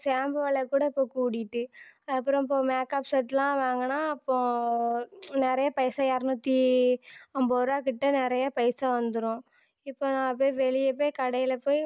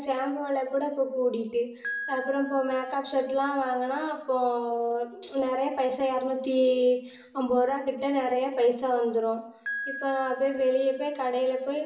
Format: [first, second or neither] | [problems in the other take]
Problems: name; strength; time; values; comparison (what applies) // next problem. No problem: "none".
first | background sound (Piano); 16 dB below the speech // room echo; dies away in 0.7 s